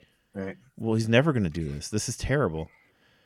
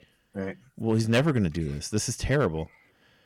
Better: first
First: none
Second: distortion; slight; 1.8% of the sound clipped

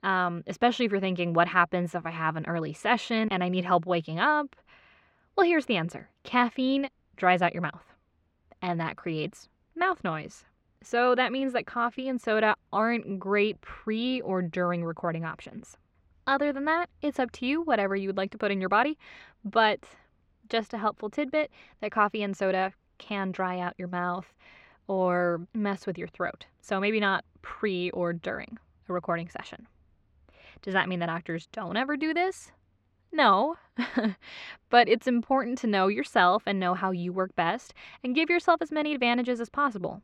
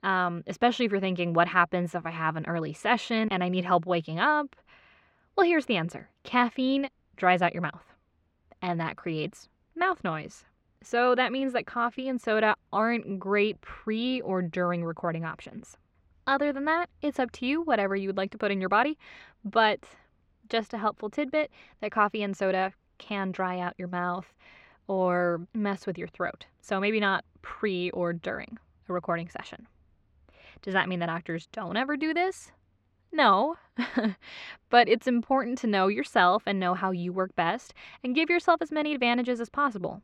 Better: neither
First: muffled; slightly; fading above 2.5 kHz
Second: muffled; slightly; fading above 2.5 kHz

